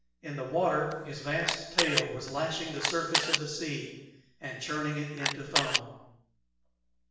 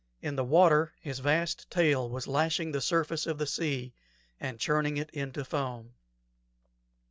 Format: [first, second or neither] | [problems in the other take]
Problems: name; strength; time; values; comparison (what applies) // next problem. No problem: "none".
second | background sound (Camera); 2 dB above the speech // room echo; dies away in 0.9 s